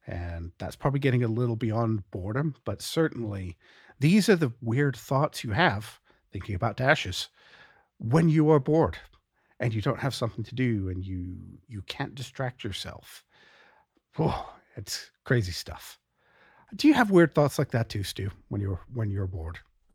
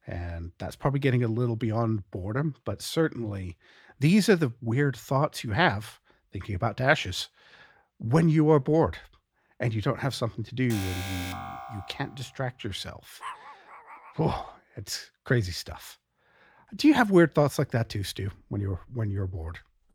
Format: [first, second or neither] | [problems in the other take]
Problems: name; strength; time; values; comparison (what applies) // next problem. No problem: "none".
first | alarm; noticeable; from 11 to 12 s; peak 8 dB below the speech // dog barking; faint; at 13 s; peak 15 dB below the speech